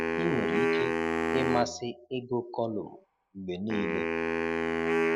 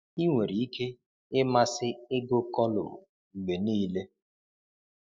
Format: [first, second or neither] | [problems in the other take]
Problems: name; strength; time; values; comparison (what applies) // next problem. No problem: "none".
second | background sound (Wind instrument, woodwind instrument); 4 dB above the speech